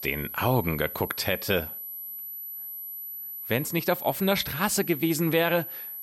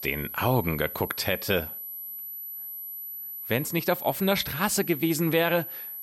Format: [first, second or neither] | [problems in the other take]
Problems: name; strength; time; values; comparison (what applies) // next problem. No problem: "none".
neither | high-pitched whine; loud; throughout; 12 kHz, 8 dB below the speech; the same in both